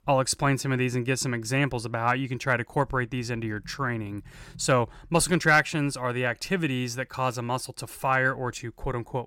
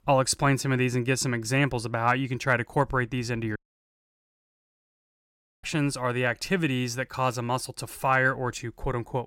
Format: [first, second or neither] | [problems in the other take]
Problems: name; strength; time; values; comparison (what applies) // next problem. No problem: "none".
first | audio cutting out; at 3.5 s for 2 s